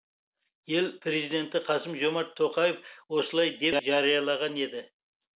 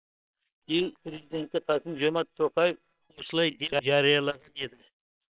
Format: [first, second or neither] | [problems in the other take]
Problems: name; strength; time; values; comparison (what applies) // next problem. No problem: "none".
first | noise reduction (neural separator model SepFormer WHAM!)